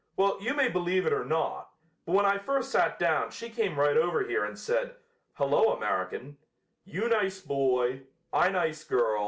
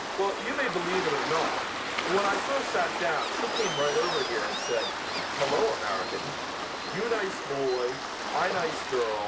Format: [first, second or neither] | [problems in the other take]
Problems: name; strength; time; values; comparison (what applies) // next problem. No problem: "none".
first | background sound (Waves, surf); 1 dB below the speech